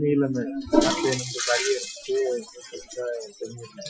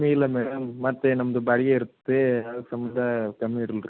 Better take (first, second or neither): second